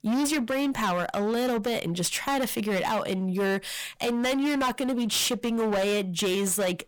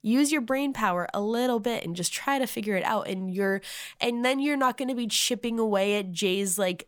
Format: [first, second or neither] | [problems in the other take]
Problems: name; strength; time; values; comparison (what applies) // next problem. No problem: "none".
second | distortion; heavy; 25% of the sound clipped